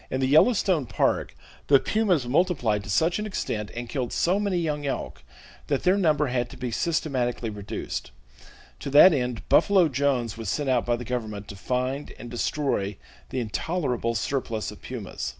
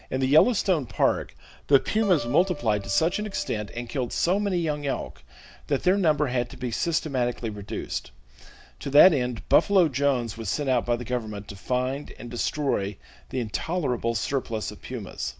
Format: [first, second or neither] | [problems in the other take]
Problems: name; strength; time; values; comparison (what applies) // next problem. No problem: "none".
first | background sound (Acoustic guitar); 16 dB below the speech